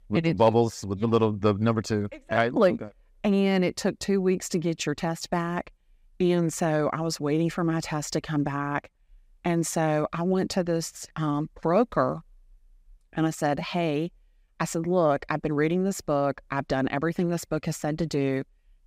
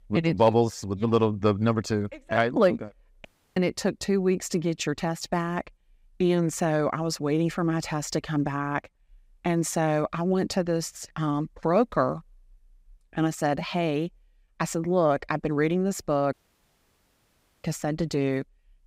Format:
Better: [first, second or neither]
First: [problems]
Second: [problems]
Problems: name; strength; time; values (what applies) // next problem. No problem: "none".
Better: first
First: none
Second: audio cutting out; at 3.5 s and at 16 s for 1.5 s